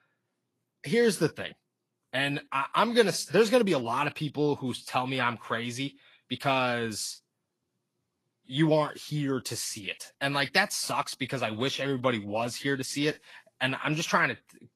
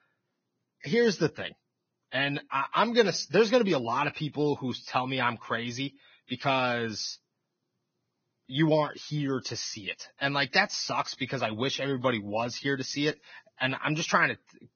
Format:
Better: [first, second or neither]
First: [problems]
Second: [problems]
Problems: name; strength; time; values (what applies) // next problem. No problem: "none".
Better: first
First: garbled, watery; slightly; nothing above 12 kHz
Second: garbled, watery; badly; nothing above 6.5 kHz